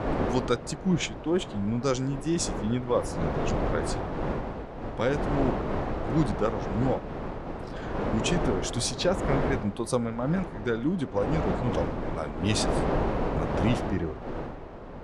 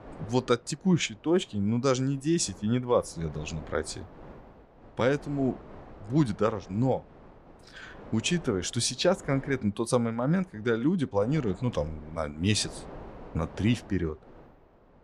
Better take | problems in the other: second | wind noise on the microphone; heavy; 1 dB below the speech; occasional gusts in the second

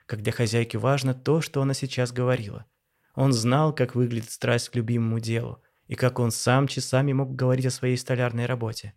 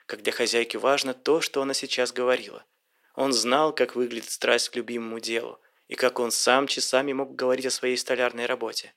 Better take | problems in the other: first | thin; somewhat; fading below 300 Hz

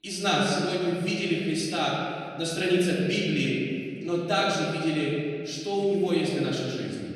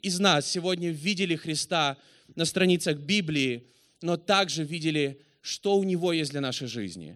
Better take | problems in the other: second | off-mic speech; far // room echo; noticeable; dies away in 2.1 s

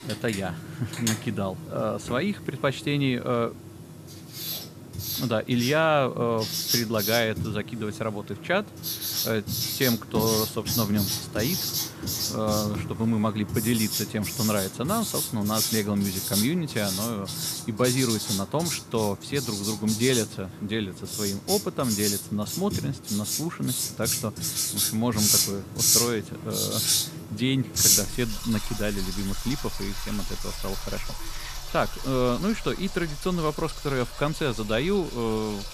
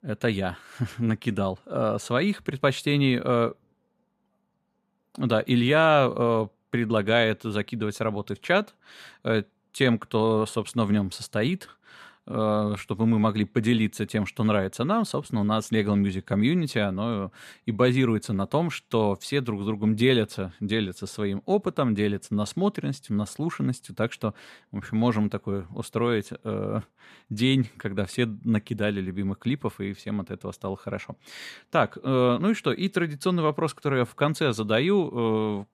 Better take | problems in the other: second | household noises; very loud; throughout; as loud as the speech

